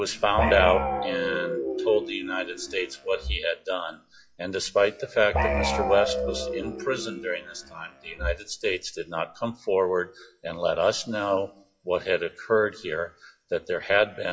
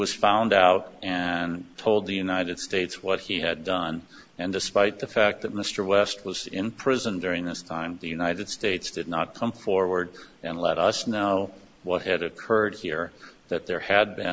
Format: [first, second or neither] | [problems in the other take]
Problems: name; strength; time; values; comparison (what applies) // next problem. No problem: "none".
second | noise reduction (classical method WPE with log-MMSE)